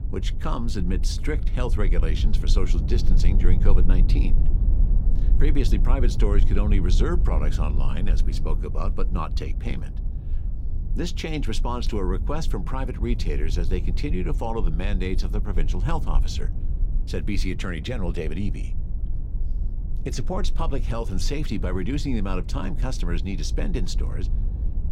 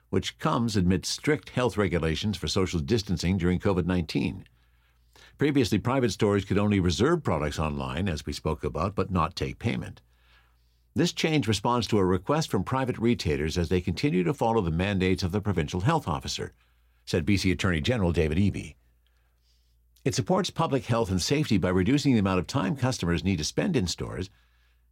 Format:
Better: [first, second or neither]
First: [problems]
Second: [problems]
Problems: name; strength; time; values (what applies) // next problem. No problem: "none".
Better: second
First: low rumble; noticeable; throughout; 10 dB below the speech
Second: none